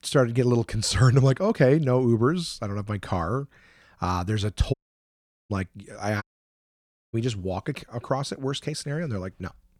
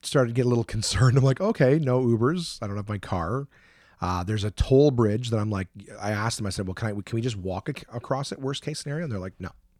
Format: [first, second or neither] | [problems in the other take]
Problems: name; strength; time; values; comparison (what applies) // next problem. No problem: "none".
second | audio cutting out; at 4.5 s for 1 s and at 6 s for 1 s